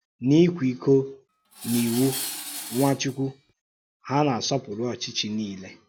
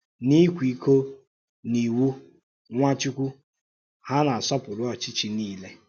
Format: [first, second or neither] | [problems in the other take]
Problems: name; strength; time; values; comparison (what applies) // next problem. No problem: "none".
second | background sound (Tools); 10 dB below the speech